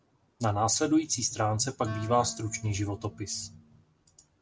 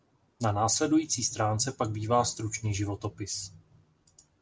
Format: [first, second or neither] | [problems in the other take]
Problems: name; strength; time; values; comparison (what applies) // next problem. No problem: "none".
second | background sound (Wind instrument, woodwind instrument); 18 dB below the speech